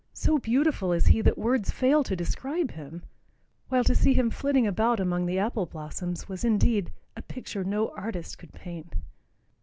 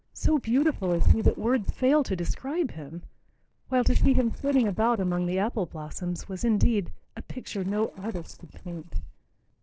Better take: first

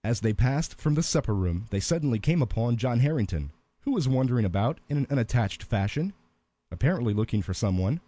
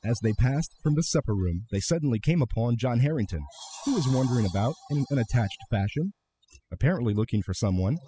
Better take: first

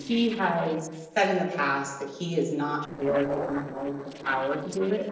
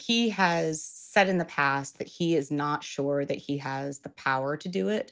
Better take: second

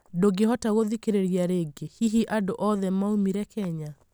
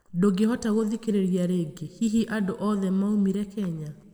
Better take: first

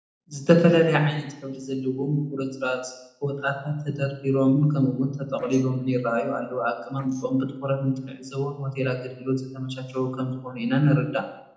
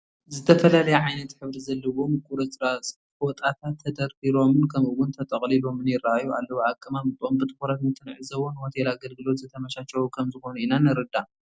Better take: second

